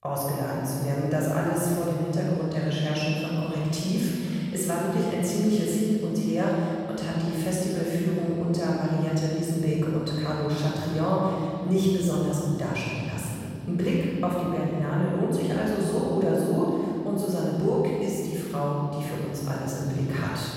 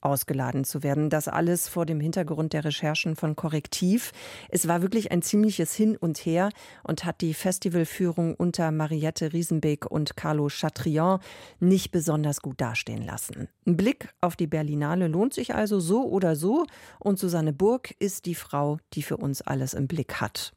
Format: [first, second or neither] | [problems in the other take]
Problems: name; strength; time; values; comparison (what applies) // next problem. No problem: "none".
second | off-mic speech; far // room echo; strong; dies away in 2.5 s